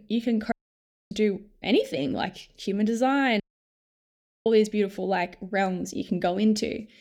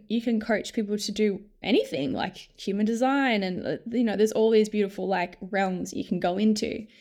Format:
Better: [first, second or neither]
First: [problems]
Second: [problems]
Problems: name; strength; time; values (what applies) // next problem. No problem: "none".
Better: second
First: audio cutting out; at 0.5 s for 0.5 s and at 3.5 s for 1 s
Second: none